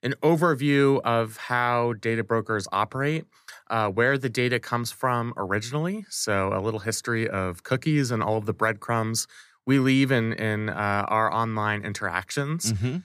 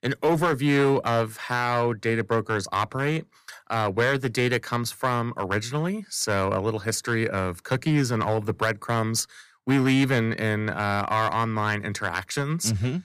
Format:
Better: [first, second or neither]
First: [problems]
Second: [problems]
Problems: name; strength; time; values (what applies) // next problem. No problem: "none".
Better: first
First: none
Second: distortion; slight; 5% of the sound clipped